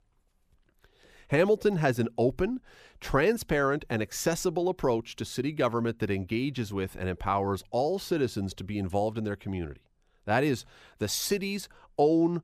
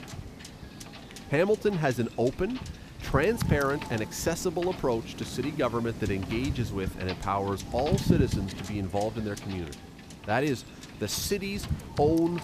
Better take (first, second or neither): first